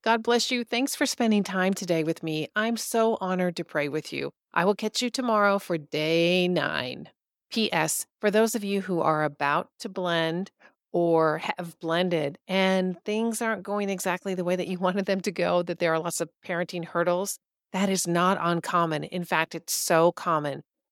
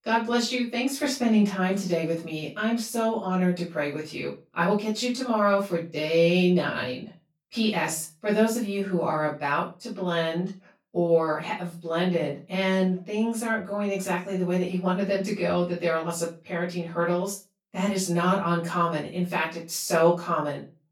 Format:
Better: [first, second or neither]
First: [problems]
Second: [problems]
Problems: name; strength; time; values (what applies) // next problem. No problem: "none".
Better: first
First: none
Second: off-mic speech; far // room echo; slight; dies away in 0.3 s